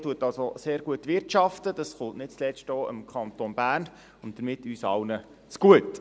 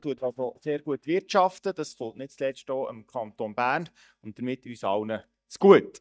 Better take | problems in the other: first | noise reduction (neural mask model DeepFilterNet 3)

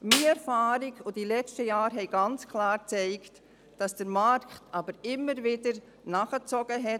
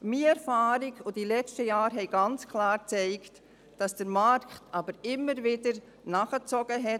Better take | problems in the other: second | background sound (Snare drum); 2 dB below the speech

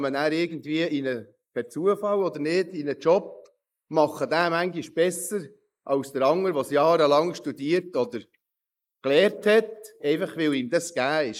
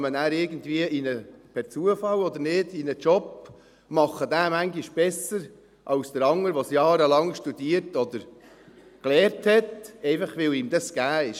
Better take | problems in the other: second | noise reduction (neural mask model Resemble Enhance denoiser)

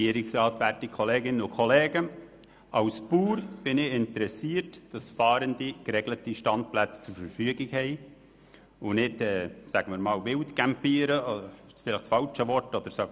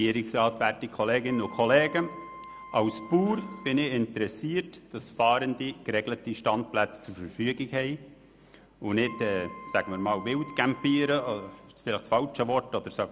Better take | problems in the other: first | background sound (Wind instrument, woodwind instrument); 17 dB below the speech

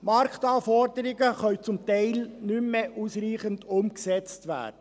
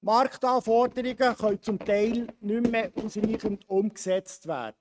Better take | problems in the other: first | noise reduction (neural mask model RNNoise)

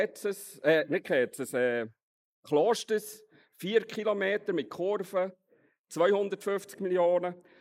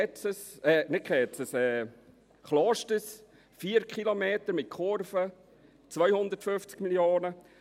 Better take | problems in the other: second | noise reduction (neural mask model Resemble Enhance denoiser)

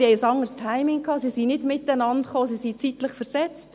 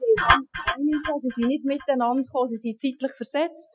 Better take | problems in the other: first | noise reduction (classical method Wiener filter)

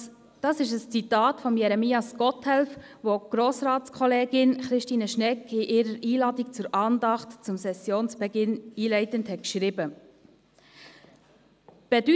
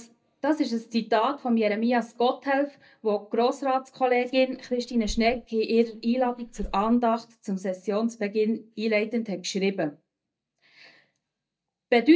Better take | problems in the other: first | noise reduction (neural mask model DeepFilterNet 3)

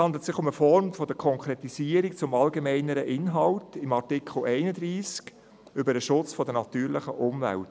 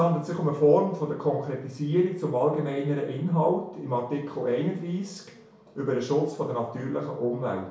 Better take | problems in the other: first | room echo; dies away in 0.6 s

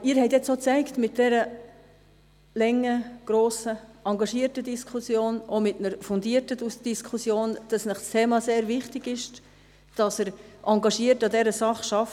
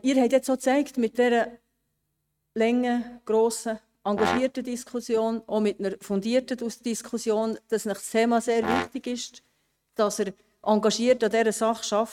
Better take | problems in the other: first | noise reduction (neural mask model RNNoise)

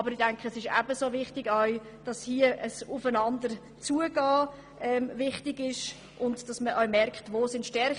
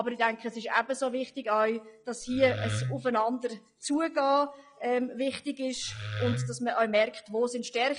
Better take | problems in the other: first | noise reduction (classical method log-MMSE)

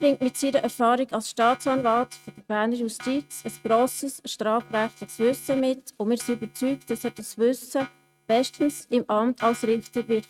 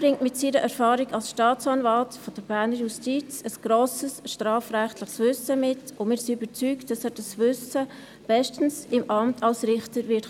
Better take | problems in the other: second | noise reduction (neural mask model RNNoise)

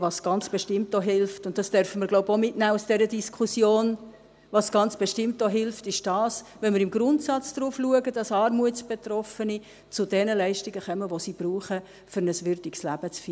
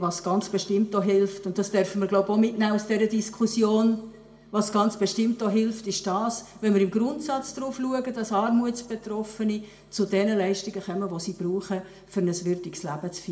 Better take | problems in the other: first | room echo; dies away in 0.7 s

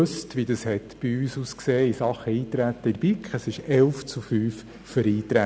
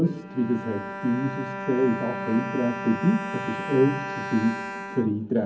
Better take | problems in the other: first | background sound (Bowed string instrument); 8 dB below the speech // room echo; dies away in 0.4 s

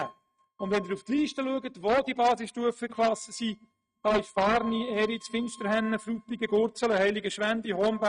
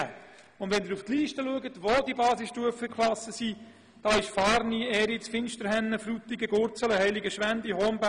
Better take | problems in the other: second | noise reduction (neural mask model RNNoise)

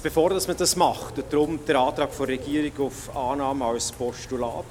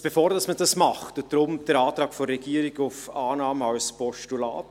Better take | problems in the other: second | background sound (Bird / Rain); 15 dB below the speech

